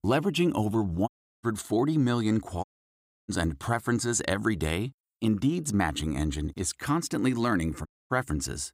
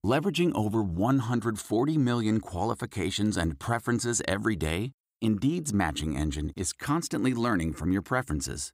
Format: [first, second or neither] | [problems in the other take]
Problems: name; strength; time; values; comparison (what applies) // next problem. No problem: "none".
second | audio cutting out; at 1 s, at 2.5 s for 0.5 s and at 8 s